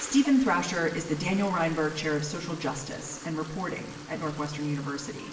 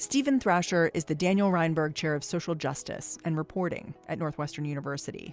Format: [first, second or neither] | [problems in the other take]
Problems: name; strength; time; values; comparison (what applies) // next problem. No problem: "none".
second | background sound (Toilet flush); 15 dB below the speech // room echo; dies away in 0.8 s